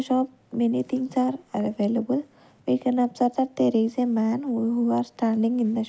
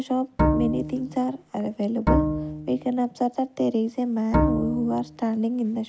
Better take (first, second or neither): first